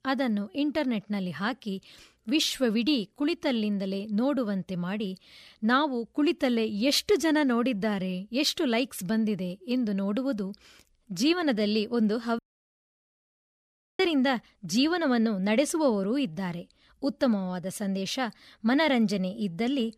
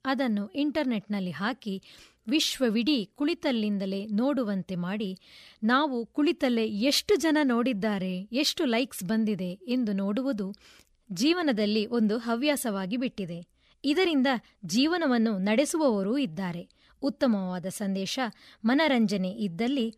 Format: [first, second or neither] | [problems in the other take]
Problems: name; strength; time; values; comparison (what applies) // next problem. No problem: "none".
second | audio cutting out; at 12 s for 1.5 s